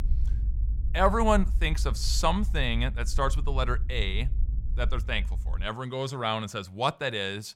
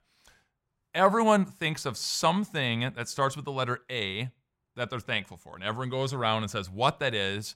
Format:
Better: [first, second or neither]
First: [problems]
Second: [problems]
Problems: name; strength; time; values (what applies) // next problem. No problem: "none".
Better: second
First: low rumble; faint; until 5.5 s; 25 dB below the speech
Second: none